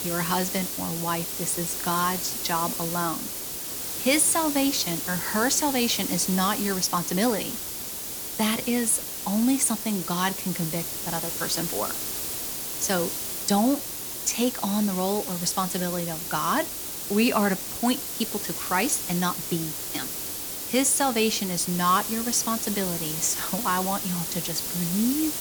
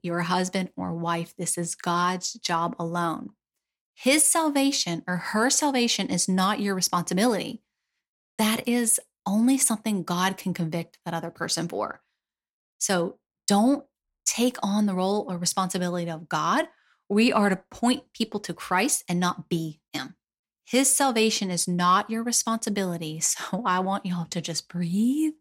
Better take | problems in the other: second | hiss; loud; throughout; 3 dB below the speech

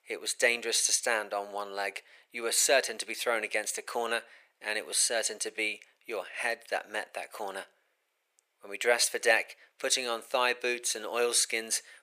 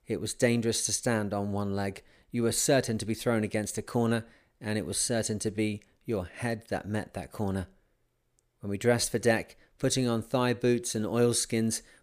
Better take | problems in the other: second | thin; very; fading below 550 Hz

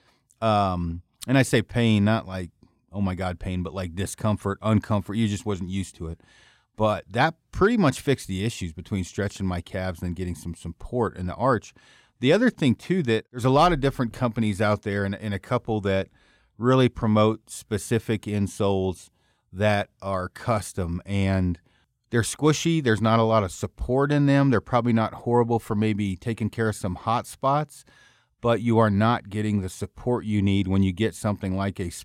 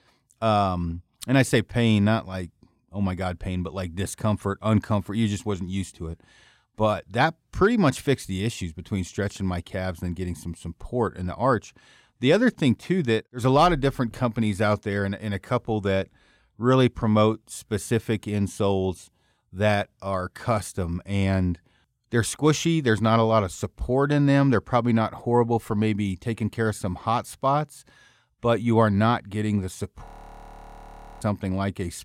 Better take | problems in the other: first | audio freezing; at 30 s for 1 s

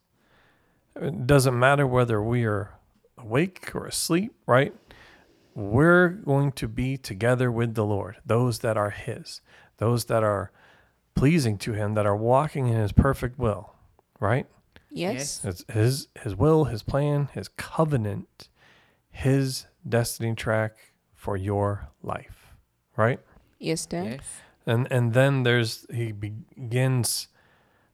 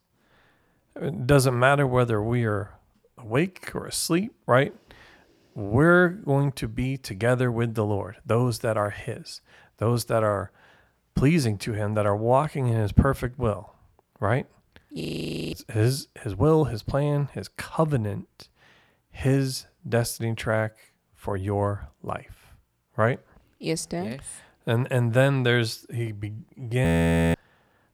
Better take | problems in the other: first | audio freezing; at 15 s for 0.5 s and at 27 s

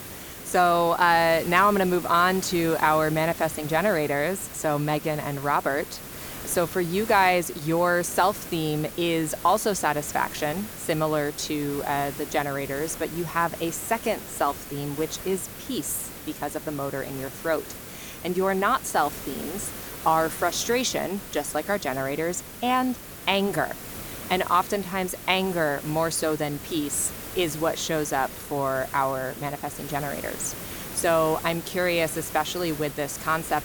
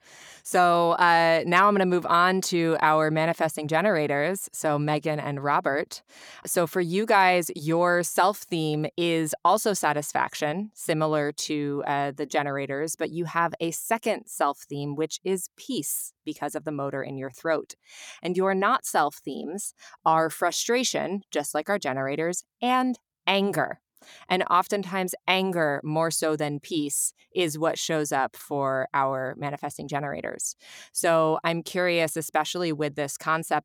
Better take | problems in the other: second | hiss; noticeable; throughout; 10 dB below the speech

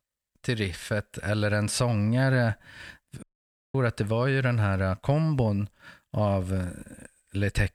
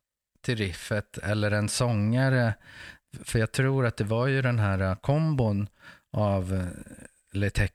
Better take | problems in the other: second | audio cutting out; at 3 s for 0.5 s

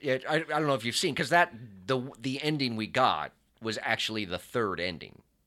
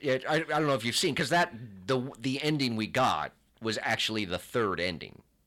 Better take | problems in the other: first | distortion; slight; 10 dB below the speech

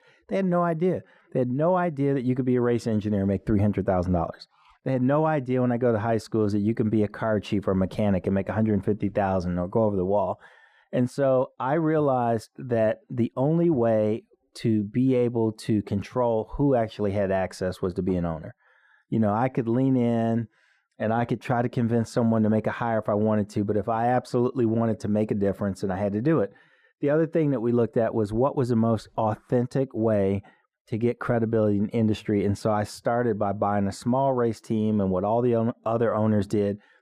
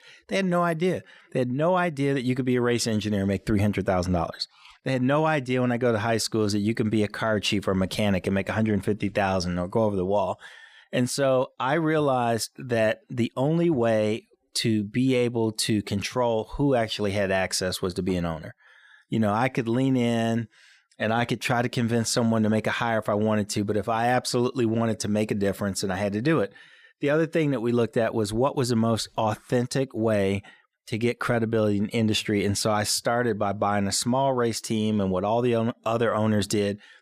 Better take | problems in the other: second | muffled; very; fading above 2 kHz

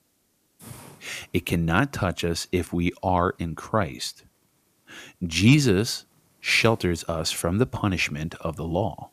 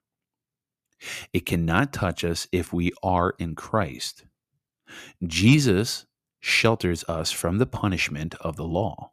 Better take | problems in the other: second | hiss; faint; throughout; 30 dB below the speech

